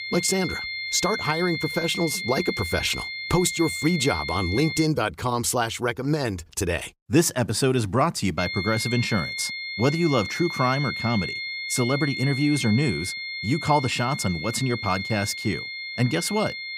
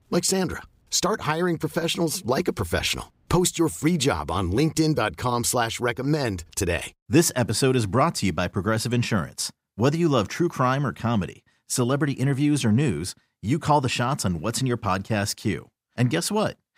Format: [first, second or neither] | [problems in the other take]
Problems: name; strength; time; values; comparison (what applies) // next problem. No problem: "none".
second | high-pitched whine; loud; until 5 s and from 8.5 s on; 2 kHz, 5 dB below the speech